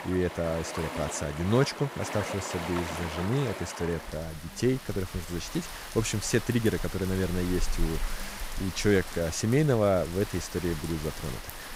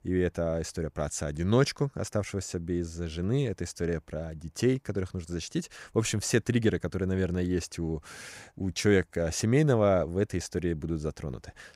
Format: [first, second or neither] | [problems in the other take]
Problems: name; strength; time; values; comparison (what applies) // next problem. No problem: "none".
second | rain or running water; loud; throughout; 8 dB below the speech